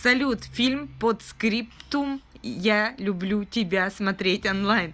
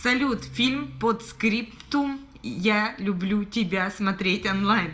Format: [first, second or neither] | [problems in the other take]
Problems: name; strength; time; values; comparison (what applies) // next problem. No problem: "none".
first | room echo; dies away in 0.4 s